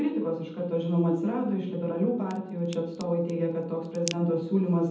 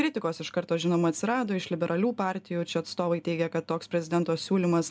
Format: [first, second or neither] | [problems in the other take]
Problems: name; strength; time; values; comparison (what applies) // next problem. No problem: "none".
second | background sound (Crack); 17 dB below the speech // room echo; dies away in 0.8 s